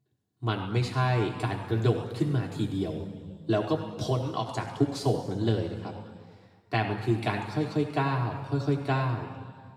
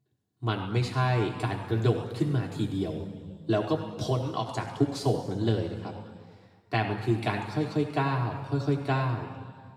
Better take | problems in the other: neither | room echo; noticeable; dies away in 1.6 s; the same in both // off-mic speech; far; the same in both

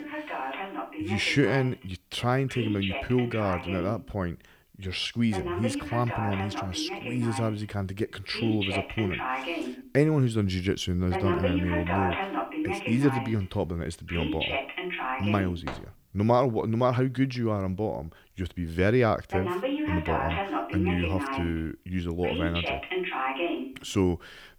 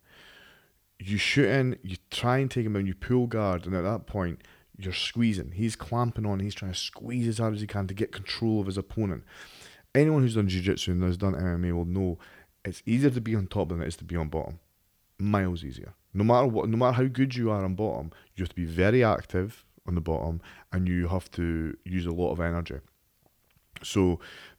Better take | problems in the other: second | alarms or sirens; loud; throughout; 4 dB below the speech

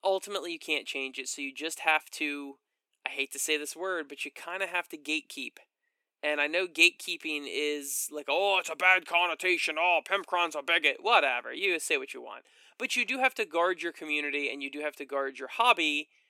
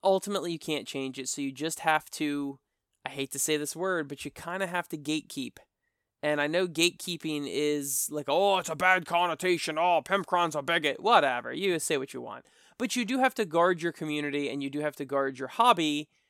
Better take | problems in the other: second | thin; very slightly; fading below 300 Hz

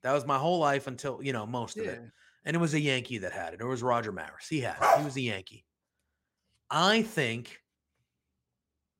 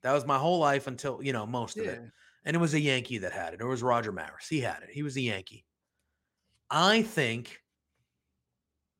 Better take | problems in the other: second | dog barking; loud; at 5 s; peak 5 dB above the speech

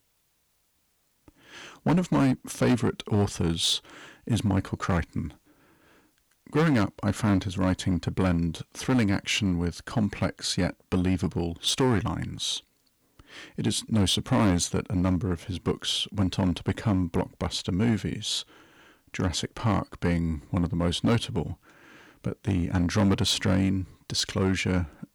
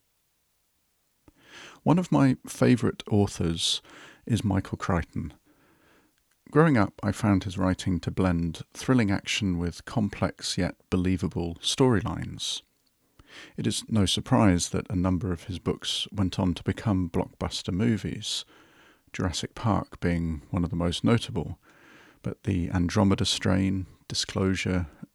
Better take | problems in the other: second | distortion; slight; 5% of the sound clipped

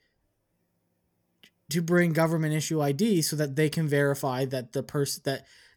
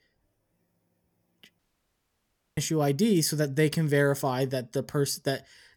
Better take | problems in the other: first | audio cutting out; at 1.5 s for 1 s

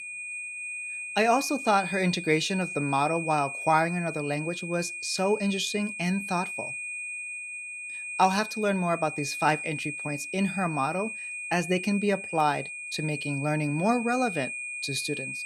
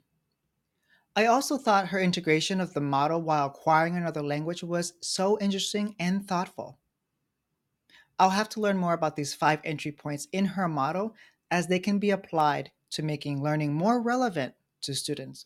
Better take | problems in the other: second | high-pitched whine; loud; throughout; 2.5 kHz, 6 dB below the speech

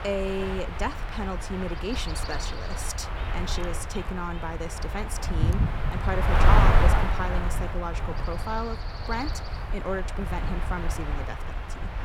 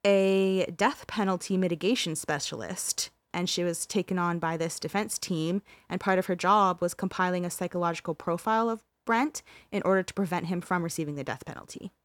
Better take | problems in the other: second | wind noise on the microphone; heavy; as loud as the speech

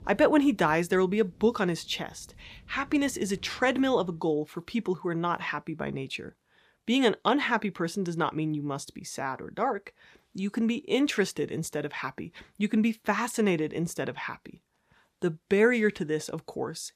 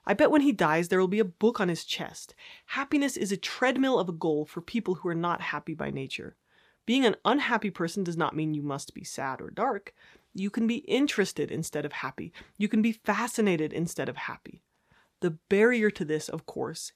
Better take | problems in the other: second | rain or running water; faint; until 4 s; 25 dB below the speech

